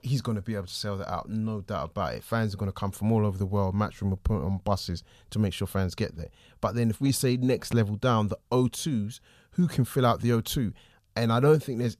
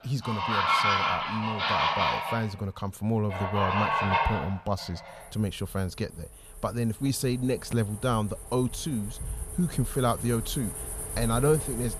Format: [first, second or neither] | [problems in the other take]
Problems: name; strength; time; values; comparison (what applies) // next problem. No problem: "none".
first | animal sounds; very loud; throughout; 1 dB above the speech